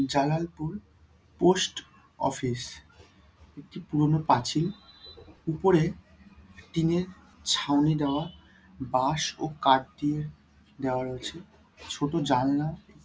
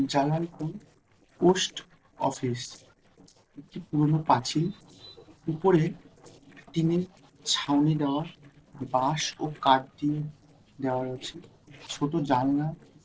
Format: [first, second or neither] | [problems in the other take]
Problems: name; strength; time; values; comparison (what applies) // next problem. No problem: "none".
first | noise reduction (neural separator model SepFormer DNS4)